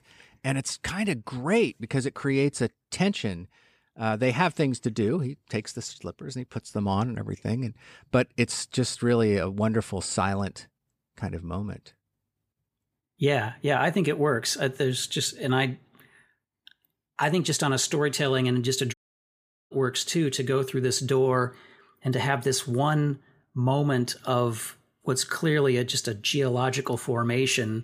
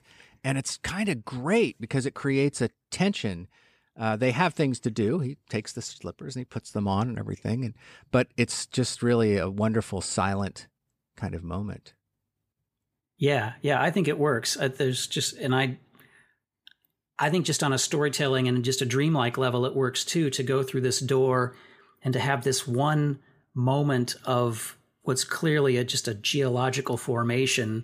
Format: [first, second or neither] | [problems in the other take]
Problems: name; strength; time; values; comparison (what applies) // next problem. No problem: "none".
second | audio cutting out; at 19 s for 1 s